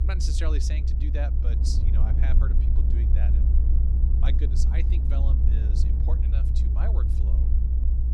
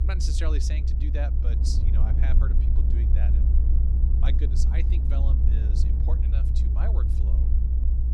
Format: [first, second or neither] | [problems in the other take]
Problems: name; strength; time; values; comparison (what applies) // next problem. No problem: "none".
neither | low rumble; loud; throughout; 1 dB below the speech; the same in both